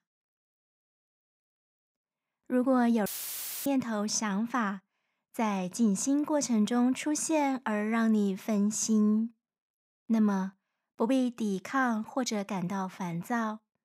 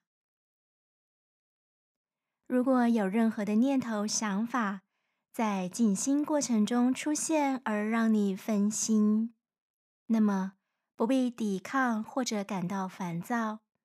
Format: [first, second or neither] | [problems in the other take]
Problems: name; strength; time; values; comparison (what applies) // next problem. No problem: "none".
second | audio cutting out; filled with static; at 3 s for 0.5 s